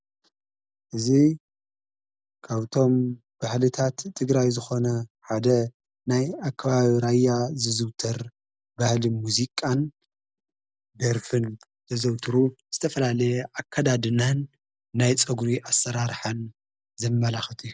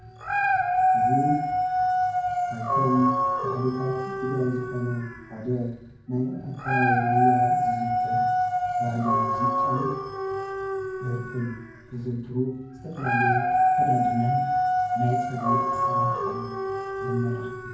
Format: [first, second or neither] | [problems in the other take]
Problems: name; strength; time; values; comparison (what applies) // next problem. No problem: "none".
first | background sound (Dog); 5 dB above the speech // room echo; dies away in 0.9 s